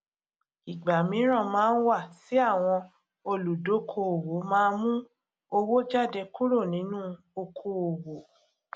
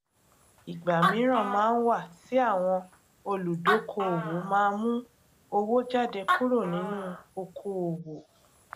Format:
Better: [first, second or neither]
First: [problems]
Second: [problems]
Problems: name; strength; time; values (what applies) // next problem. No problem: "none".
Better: first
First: none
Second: background sound (Animal); 7 dB below the speech